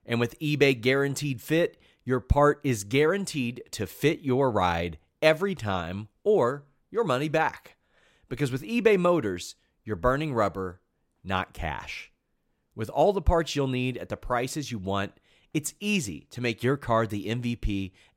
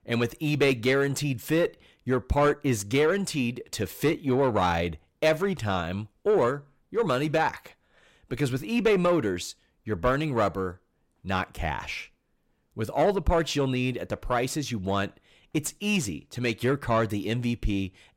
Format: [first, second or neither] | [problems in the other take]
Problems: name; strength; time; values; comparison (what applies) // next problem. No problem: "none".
first | distortion; slight; 10 dB below the speech